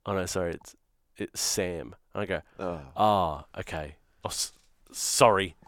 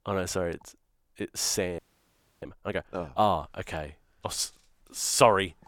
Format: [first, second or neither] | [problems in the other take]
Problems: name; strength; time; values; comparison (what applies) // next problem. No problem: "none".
first | audio freezing; at 2 s for 0.5 s